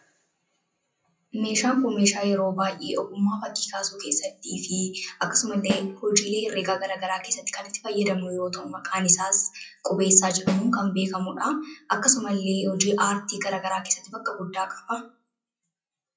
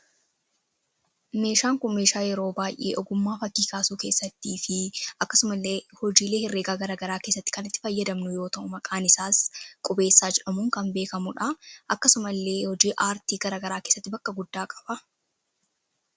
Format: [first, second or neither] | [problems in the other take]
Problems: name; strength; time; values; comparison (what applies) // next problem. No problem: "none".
second | noise reduction (classical method WPE with log-MMSE)